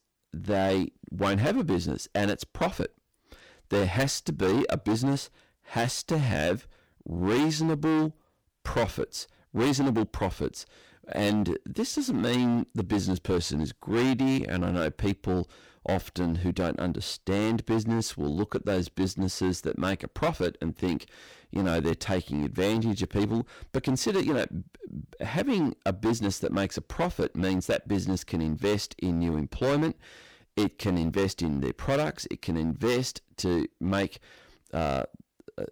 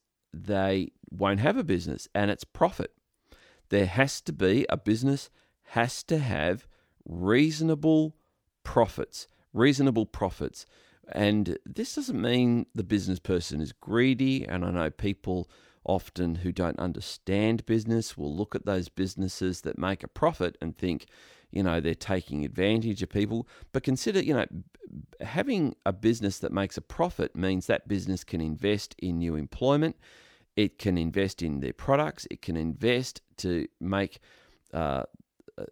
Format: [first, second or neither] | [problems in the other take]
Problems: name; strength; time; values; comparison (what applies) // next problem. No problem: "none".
second | distortion; heavy; 12% of the sound clipped